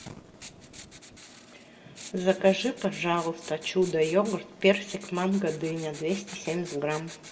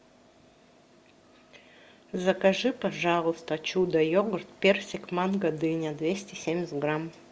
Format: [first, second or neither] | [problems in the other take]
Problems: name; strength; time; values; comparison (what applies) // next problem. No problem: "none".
second | background sound (Writing); 18 dB below the speech // room echo; dies away in 1 s